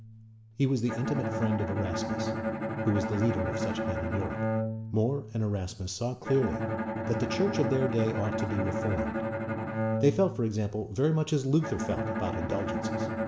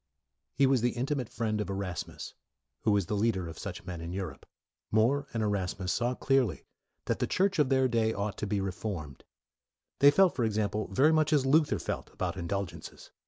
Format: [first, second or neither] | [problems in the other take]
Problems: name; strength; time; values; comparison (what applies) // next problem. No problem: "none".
second | background sound (Bowed string instrument); 2 dB below the speech // room echo; dies away in 0.6 s